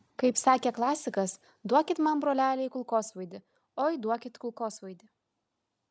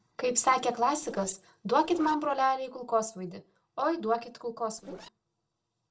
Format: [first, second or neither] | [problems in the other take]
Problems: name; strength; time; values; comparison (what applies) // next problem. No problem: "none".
first | noise reduction (neural separator model SepFormer DNS4)